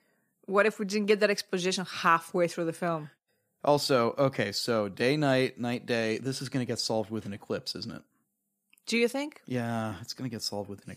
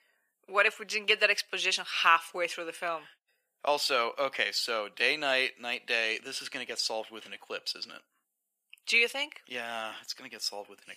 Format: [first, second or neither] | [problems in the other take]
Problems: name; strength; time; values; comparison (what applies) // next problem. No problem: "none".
first | thin; very; fading below 600 Hz